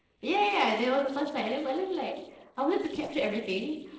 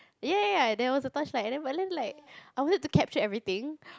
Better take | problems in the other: second | noise reduction (neural separator model SepFormer DNS4)

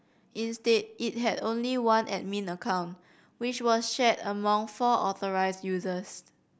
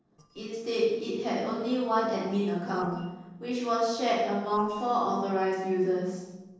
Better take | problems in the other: first | noise reduction (neural separator model SepFormer DNS4)

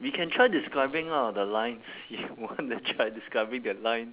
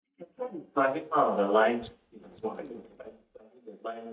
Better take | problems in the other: first | noise reduction (neural mask model DeepFilterNet 3)

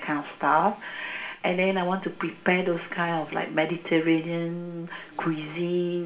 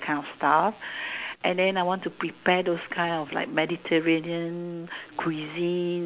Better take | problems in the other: second | room echo; dies away in 0.8 s

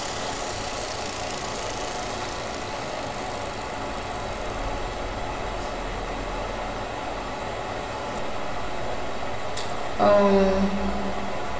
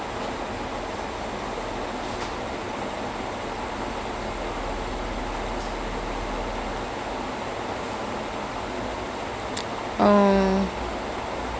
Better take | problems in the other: second | background sound (Mechanisms / Bicycle); 5 dB below the speech // room echo; dies away in 2.5 s

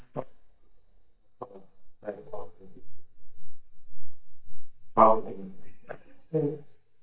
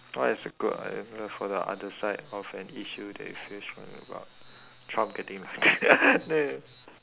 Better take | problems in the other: second | noise reduction (neural mask model DeepFilterNet 3)

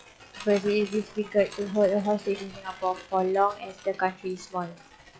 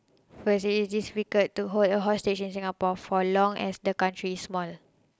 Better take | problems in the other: second | noise reduction (classical method log-MMSE)

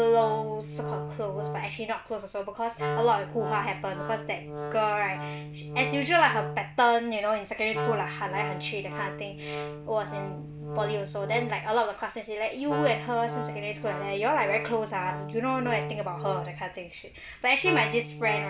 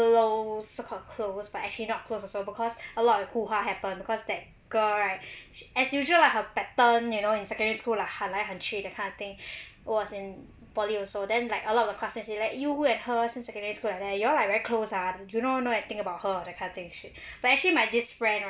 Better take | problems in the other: second | background sound (Wind instrument, woodwind instrument); 7 dB below the speech

